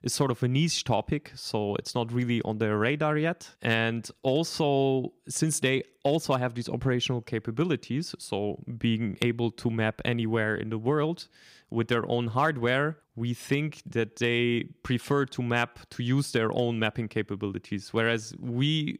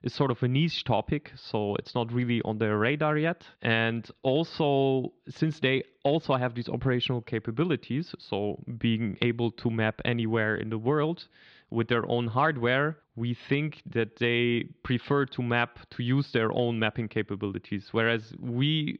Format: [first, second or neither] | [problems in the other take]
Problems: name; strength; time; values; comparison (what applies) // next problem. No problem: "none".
first | muffled; slightly; fading above 4 kHz